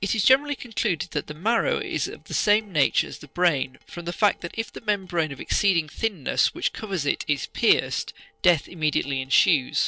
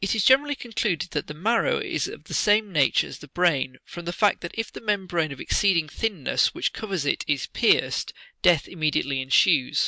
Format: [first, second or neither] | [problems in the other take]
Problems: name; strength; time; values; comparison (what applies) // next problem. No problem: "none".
second | noise reduction (neural separator model SepFormer DNS4)